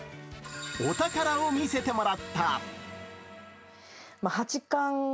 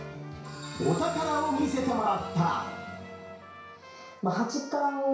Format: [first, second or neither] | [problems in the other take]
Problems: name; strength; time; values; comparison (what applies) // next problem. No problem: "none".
first | background sound (Trumpet); 18 dB below the speech // room echo; dies away in 0.6 s